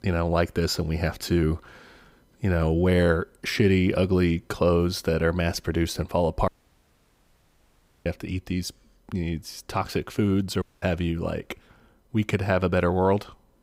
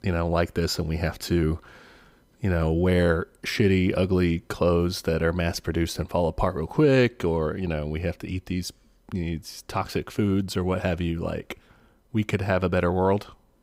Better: second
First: audio cutting out; at 6.5 s for 1.5 s and at 11 s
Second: none

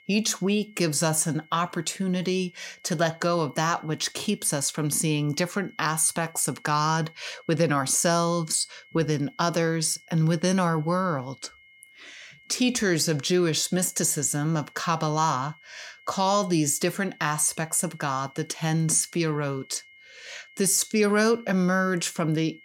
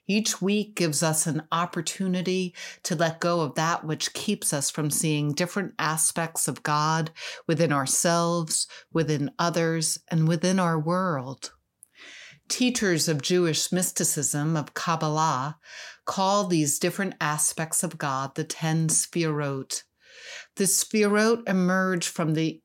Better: second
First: high-pitched whine; faint; throughout; 2 kHz, 25 dB below the speech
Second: none

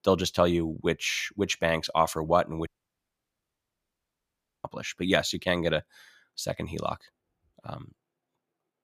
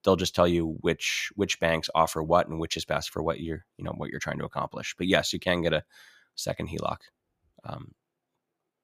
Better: second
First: audio cutting out; at 2.5 s for 2 s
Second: none

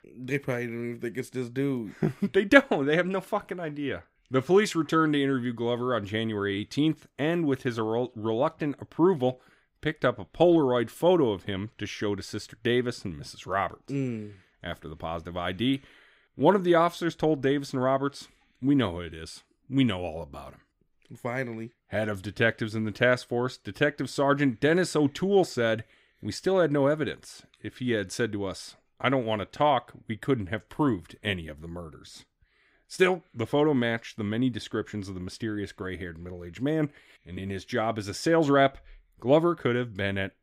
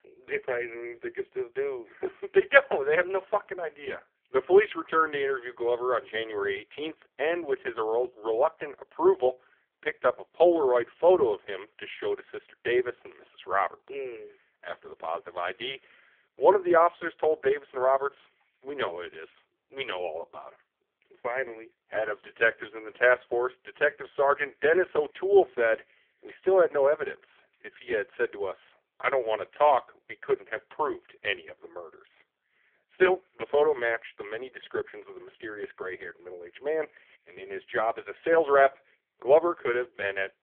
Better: first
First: none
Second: phone-call audio; poor line; nothing above 3.5 kHz

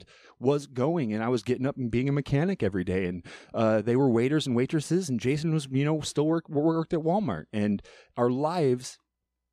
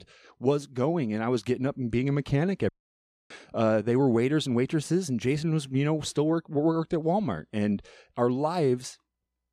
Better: first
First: none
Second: audio cutting out; at 2.5 s for 0.5 s

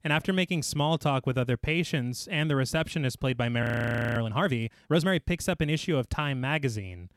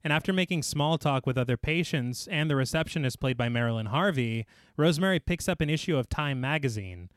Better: second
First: audio freezing; at 3.5 s for 0.5 s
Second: none

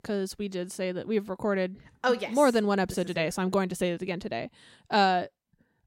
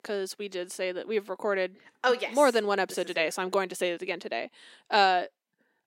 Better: first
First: none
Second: thin; somewhat; fading below 300 Hz

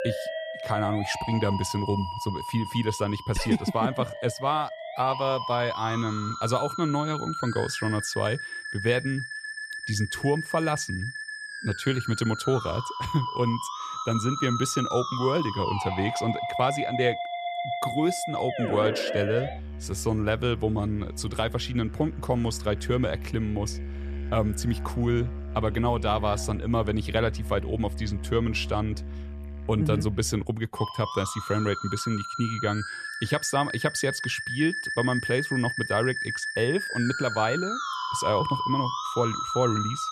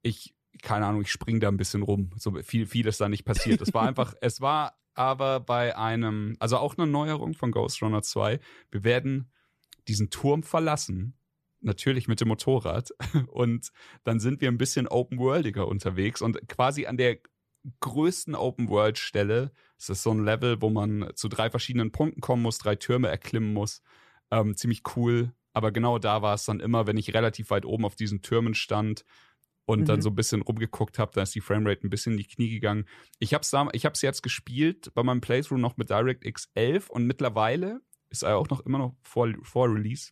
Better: second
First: background music; loud; throughout; 5 dB below the speech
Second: none

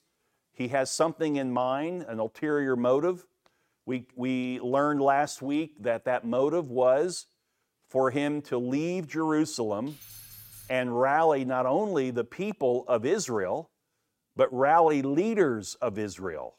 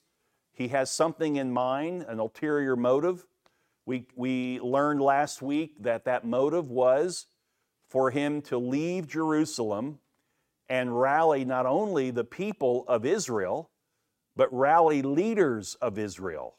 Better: second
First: jangling keys; faint; at 10 s; peak 15 dB below the speech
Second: none

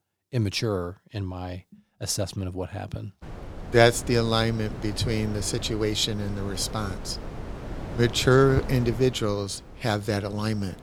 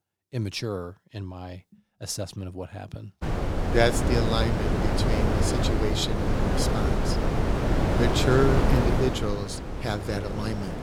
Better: first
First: wind noise on the microphone; occasional gusts; from 3 s on; 15 dB below the speech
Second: wind noise on the microphone; heavy; from 3 s on; as loud as the speech

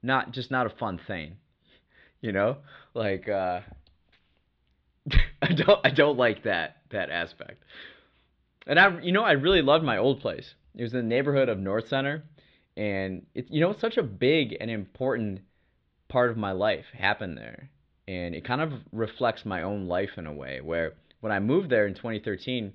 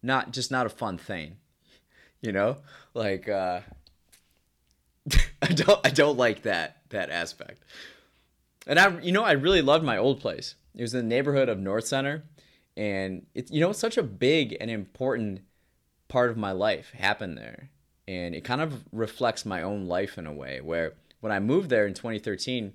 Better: second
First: muffled; slightly; fading above 3.5 kHz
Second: none

